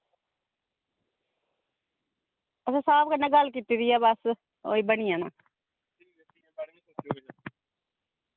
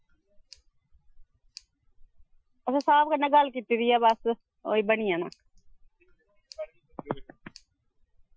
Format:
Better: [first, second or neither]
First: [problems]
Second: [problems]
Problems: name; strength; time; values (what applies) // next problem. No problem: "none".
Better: first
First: none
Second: noise reduction (classical method Wiener filter)